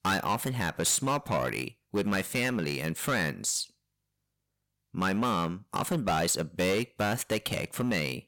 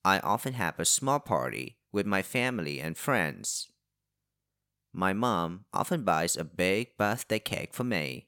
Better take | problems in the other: second | distortion; heavy; 10% of the sound clipped

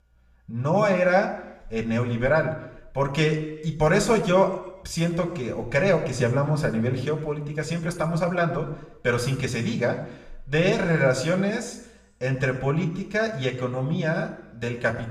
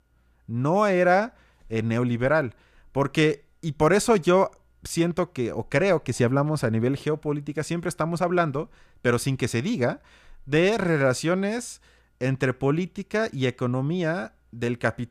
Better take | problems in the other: second | room echo; slight; dies away in 0.8 s // off-mic speech; somewhat distant

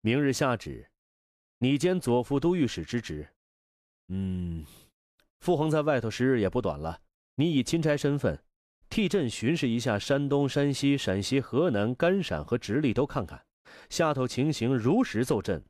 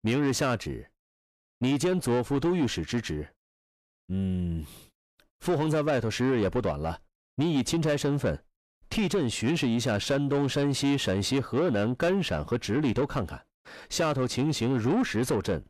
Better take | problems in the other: first | distortion; slight; 10 dB below the speech

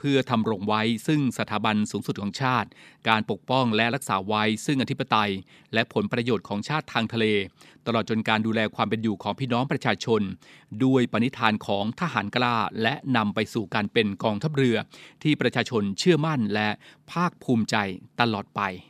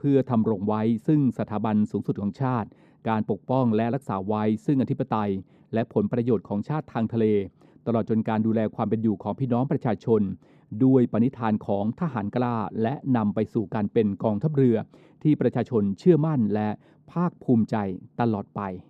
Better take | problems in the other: first | muffled; very; fading above 1.5 kHz

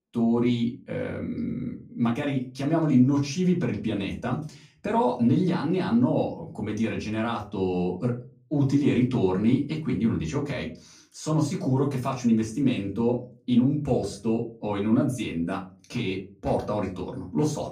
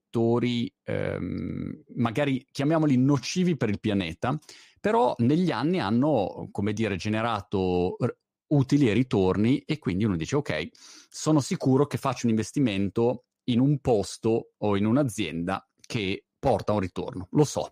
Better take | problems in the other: second | off-mic speech; far // room echo; very slight; dies away in 0.3 s

